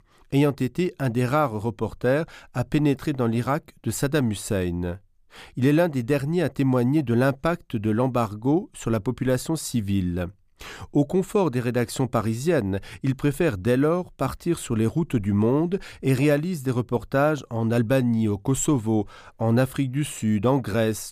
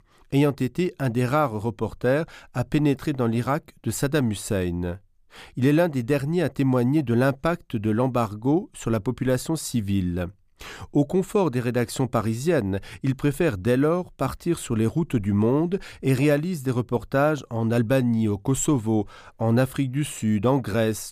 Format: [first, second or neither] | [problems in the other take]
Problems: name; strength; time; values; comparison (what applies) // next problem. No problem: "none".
neither | none